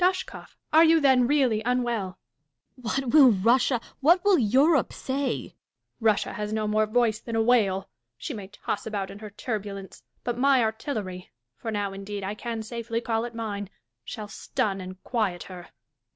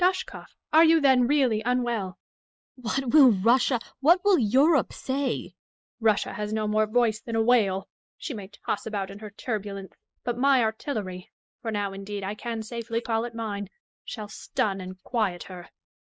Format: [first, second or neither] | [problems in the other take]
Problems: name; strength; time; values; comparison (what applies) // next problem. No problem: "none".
first | noise reduction (neural mask model Resemble Enhance denoiser)